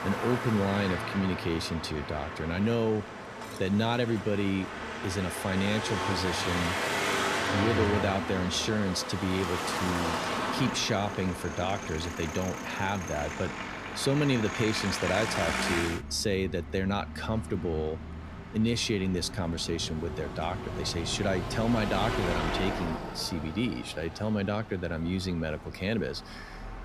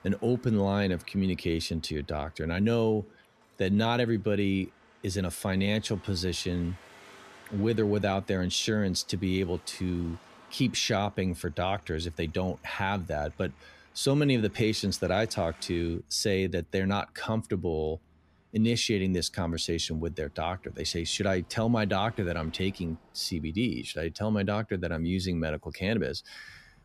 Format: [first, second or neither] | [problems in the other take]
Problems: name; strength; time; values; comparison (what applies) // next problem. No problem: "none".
second | traffic noise; loud; throughout; 3 dB below the speech; faint in the second